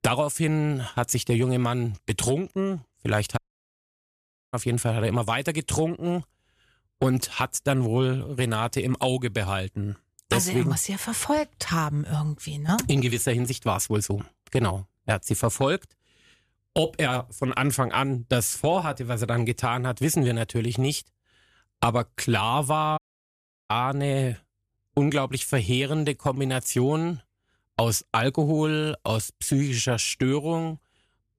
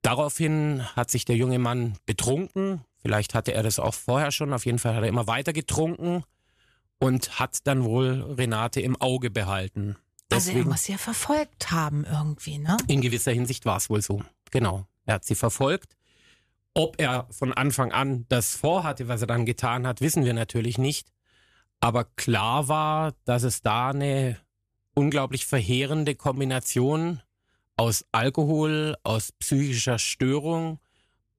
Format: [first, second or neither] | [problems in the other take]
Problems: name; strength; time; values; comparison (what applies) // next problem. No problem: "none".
second | audio cutting out; at 3.5 s for 1 s and at 23 s for 0.5 s